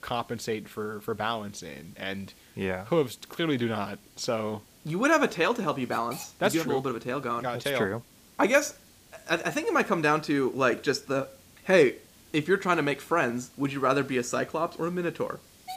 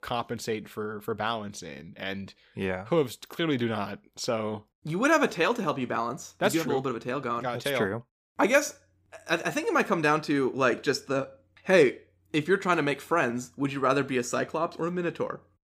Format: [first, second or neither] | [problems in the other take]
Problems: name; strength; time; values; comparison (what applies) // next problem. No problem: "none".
second | hiss; faint; throughout; 25 dB below the speech